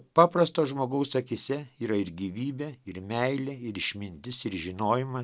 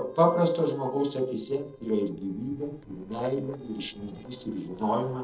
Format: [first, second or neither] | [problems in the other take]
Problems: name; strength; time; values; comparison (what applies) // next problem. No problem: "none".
first | noise reduction (neural separator model SepFormer DNS4)